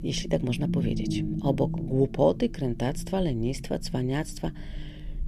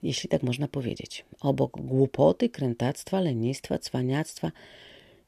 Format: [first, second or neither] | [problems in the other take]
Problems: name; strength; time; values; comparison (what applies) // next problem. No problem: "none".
second | low rumble; noticeable; throughout; 10 dB below the speech